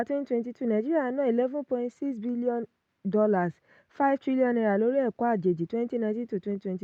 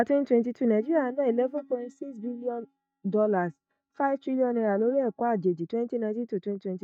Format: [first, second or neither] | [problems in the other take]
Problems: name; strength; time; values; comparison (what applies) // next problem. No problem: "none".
first | noise reduction (neural mask model DeepFilterNet 3)